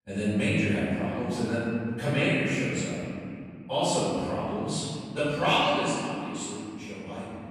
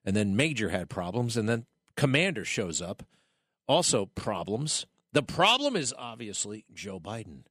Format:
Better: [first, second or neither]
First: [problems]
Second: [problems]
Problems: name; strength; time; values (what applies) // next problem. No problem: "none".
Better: second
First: room echo; strong; dies away in 2.7 s // off-mic speech; far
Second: none